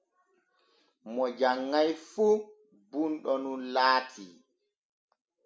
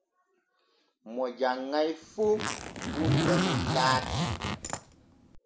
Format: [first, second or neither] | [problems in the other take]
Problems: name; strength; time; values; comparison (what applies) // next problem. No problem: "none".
first | background sound (Zipper (clothing)); 2 dB above the speech